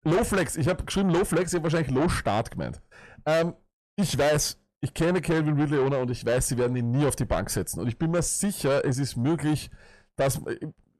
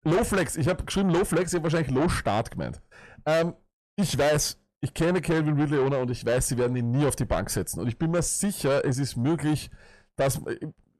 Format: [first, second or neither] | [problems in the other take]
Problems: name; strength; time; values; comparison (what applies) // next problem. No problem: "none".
neither | distortion; heavy; 7 dB below the speech; the same in both